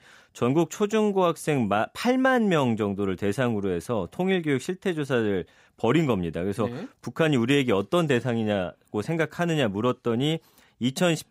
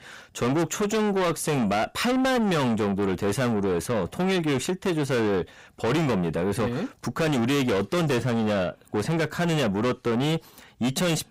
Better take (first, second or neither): first